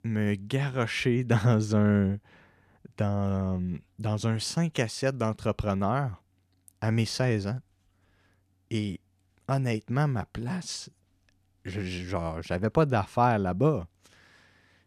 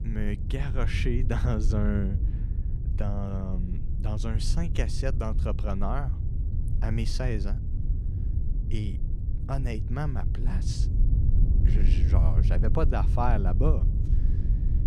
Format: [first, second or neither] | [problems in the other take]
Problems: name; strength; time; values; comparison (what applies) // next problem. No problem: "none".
first | low rumble; loud; throughout; 9 dB below the speech